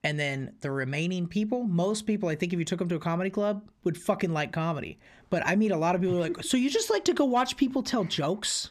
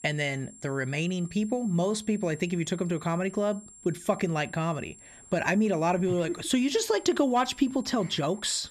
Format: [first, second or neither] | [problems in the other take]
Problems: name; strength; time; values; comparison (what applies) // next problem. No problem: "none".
first | high-pitched whine; faint; throughout; 7.5 kHz, 20 dB below the speech